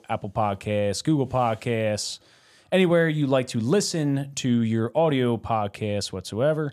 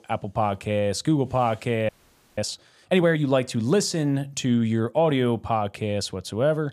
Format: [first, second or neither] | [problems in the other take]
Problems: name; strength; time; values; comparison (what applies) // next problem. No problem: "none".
first | audio freezing; at 2 s